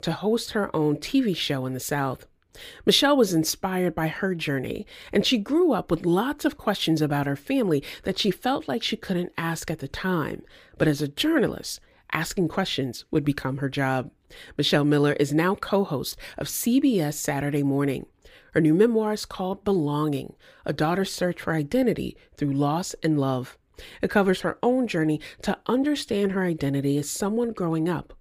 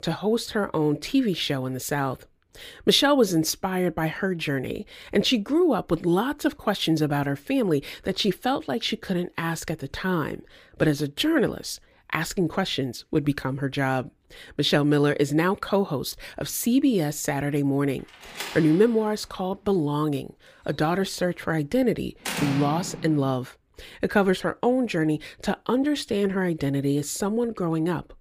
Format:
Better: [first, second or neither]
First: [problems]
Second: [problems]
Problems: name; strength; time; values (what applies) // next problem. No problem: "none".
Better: first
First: none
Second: door banging; noticeable; from 18 to 23 s; peak 3 dB below the speech